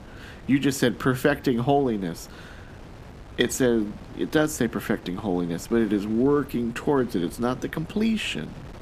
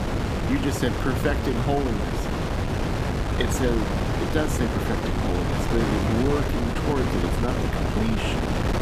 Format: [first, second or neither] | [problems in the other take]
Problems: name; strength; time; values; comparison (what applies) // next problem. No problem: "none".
first | wind noise on the microphone; heavy; 1 dB above the speech; occasional gusts in the first